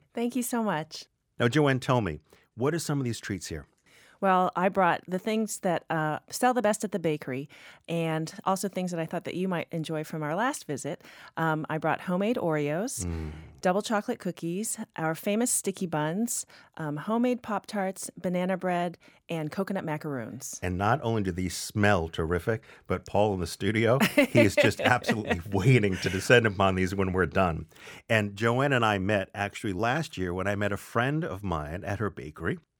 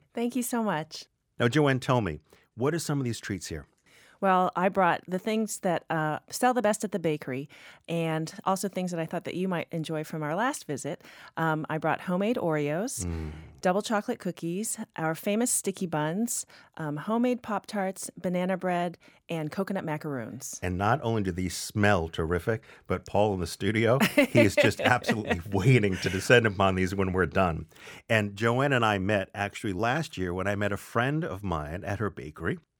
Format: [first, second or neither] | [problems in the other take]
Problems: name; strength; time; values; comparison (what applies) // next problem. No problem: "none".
neither | none